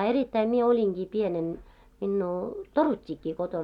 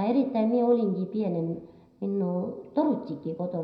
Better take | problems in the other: first | room echo; dies away in 0.7 s

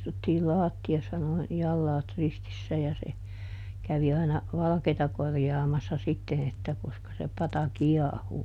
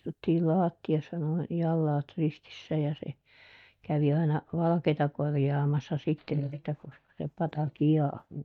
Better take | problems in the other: first | noise reduction (neural mask model DeepFilterNet 3)

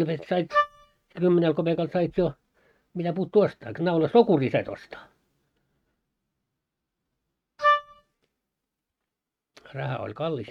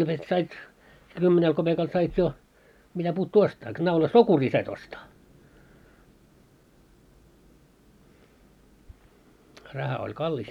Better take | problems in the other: second | noise reduction (neural mask model RNNoise)

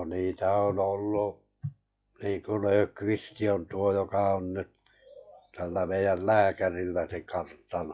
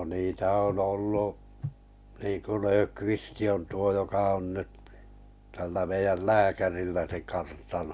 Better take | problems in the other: second | noise reduction (classical method log-MMSE)

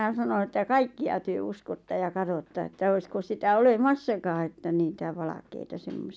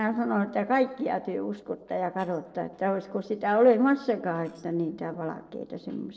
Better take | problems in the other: first | noise reduction (neural separator model SepFormer DNS4)

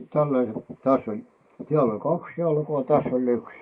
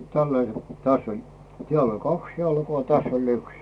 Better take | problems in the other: second | noise reduction (neural mask model Resemble Enhance denoiser)

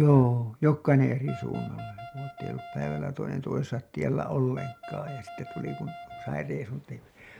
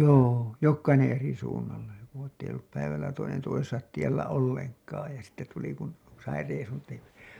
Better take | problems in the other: second | background sound (Wind instrument, woodwind instrument); 15 dB below the speech

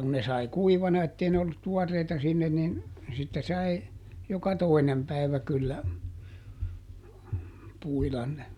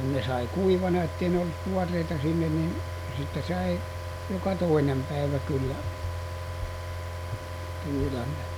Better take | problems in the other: first | background sound (Car); 5 dB below the speech

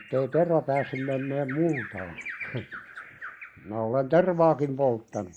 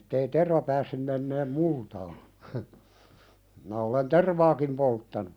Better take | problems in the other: second | noise reduction (neural mask model Resemble Enhance denoiser)

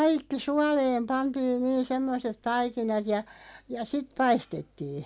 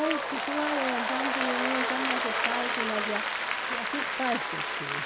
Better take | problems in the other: first | background sound (Applause); 4 dB above the speech

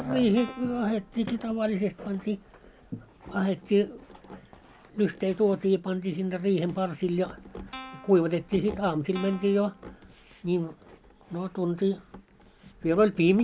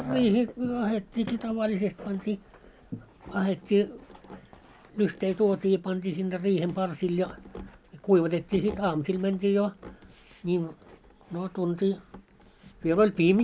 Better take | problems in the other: second | background sound (Guitar); 18 dB below the speech

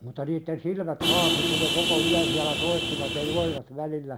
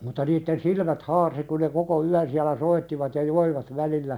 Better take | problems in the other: second | background sound (Vehicle horn, car horn, honking); 4 dB above the speech

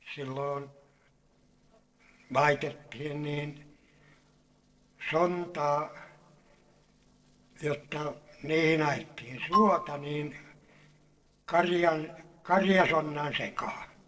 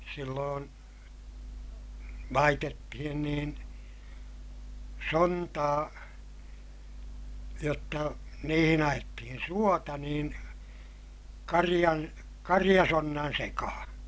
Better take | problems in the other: second | noise reduction (neural separator model SepFormer DNS4)

